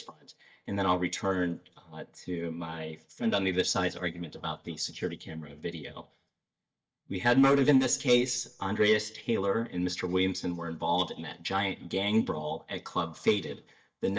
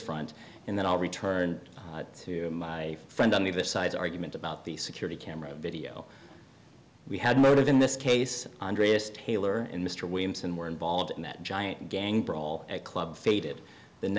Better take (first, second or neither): second